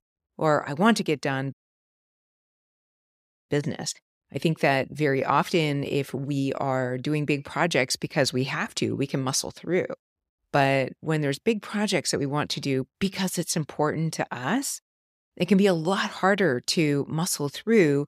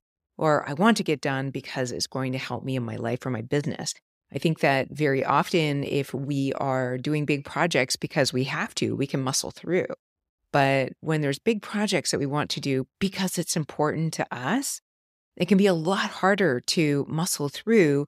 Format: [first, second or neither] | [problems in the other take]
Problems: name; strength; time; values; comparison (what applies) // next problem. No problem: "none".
second | audio cutting out; at 1.5 s for 2 s